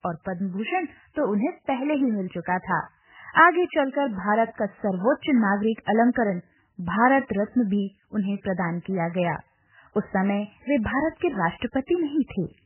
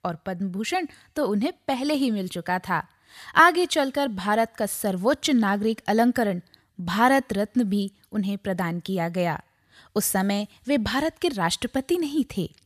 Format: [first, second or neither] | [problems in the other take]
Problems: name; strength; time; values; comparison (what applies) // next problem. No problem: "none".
second | garbled, watery; badly; nothing above 3 kHz